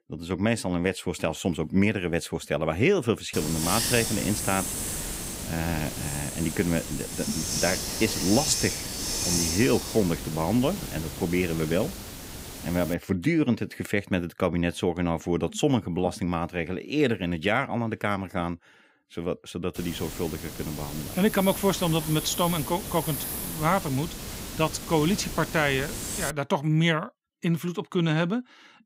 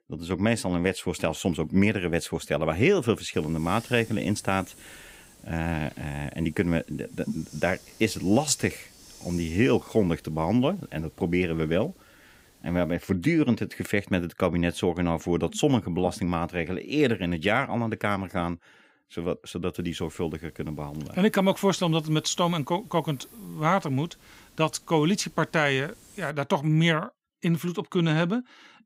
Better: second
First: hiss; loud; from 3.5 to 13 s and from 20 to 26 s; 4 dB below the speech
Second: hiss; faint; from 3.5 to 13 s and from 20 to 26 s; 25 dB below the speech

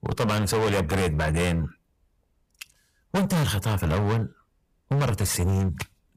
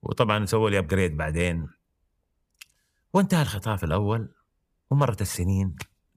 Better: second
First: distortion; heavy; 20% of the sound clipped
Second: none

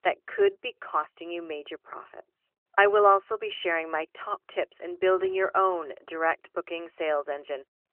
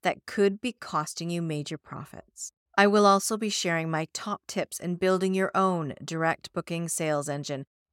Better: second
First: phone-call audio; nothing above 3 kHz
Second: none

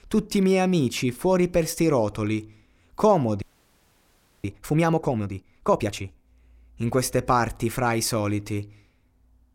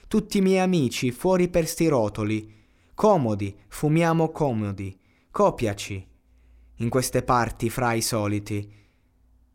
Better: second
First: audio freezing; at 3.5 s for 1 s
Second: none

